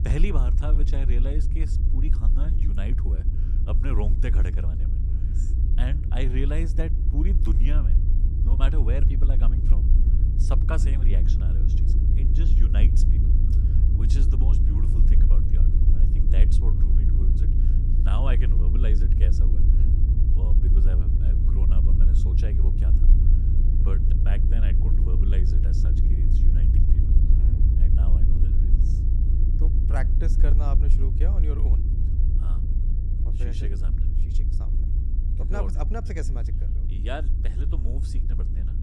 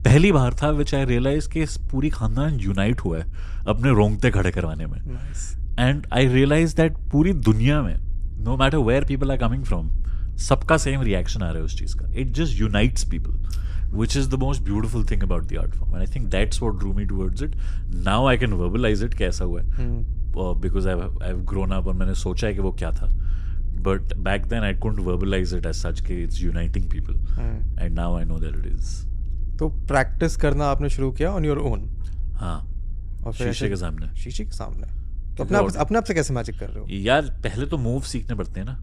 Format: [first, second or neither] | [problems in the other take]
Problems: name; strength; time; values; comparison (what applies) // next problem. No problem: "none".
second | low rumble; loud; throughout; 2 dB below the speech; faint in the second